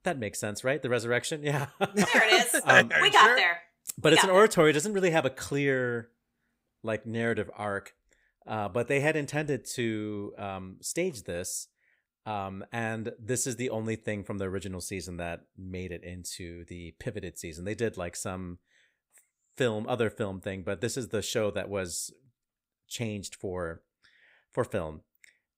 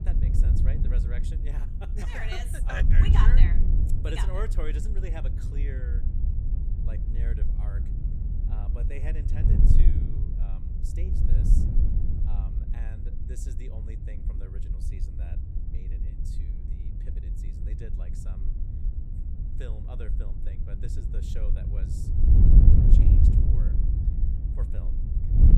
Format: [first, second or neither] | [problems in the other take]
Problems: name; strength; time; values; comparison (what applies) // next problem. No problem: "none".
first | wind noise on the microphone; heavy; 2 dB below the speech